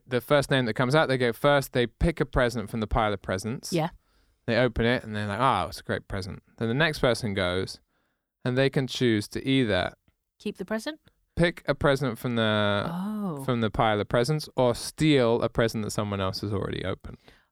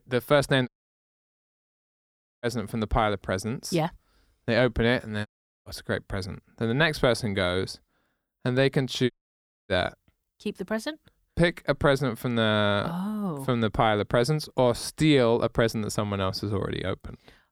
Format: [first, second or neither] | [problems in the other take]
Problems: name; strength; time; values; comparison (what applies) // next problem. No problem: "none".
first | audio cutting out; at 0.5 s for 1.5 s, at 5.5 s and at 9 s for 0.5 s